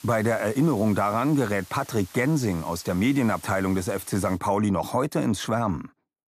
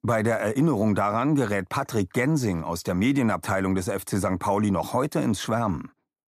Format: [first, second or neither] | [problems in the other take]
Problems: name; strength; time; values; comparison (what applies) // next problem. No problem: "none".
second | hiss; faint; until 4.5 s; 20 dB below the speech